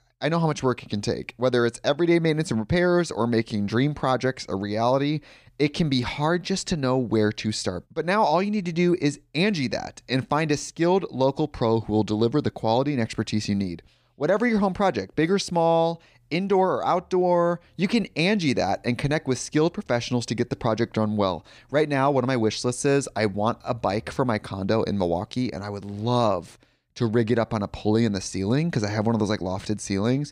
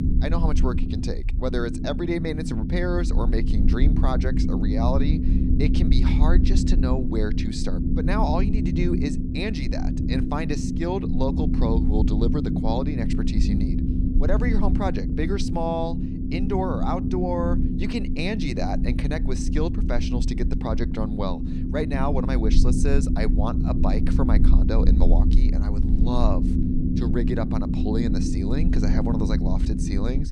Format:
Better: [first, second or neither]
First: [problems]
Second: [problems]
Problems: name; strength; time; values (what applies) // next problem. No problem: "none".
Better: first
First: none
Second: low rumble; loud; throughout; 3 dB below the speech